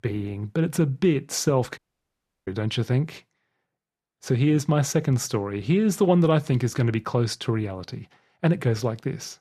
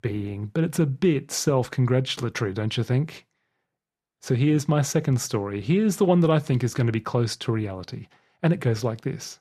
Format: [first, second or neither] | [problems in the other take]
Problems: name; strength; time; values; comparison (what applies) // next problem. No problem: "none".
second | audio cutting out; at 2 s for 0.5 s